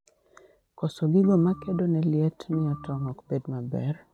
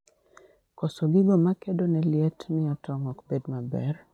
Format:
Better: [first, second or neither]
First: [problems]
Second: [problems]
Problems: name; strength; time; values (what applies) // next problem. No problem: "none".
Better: second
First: background sound (Organ); 17 dB below the speech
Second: none